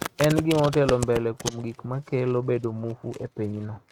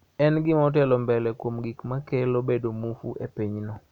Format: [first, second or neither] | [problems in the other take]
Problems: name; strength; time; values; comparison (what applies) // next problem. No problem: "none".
second | noise reduction (neural mask model RNNoise)